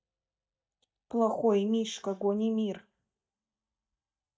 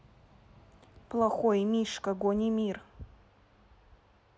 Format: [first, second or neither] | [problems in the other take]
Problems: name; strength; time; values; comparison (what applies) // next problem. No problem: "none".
second | noise reduction (neural mask model DeepFilterNet 3)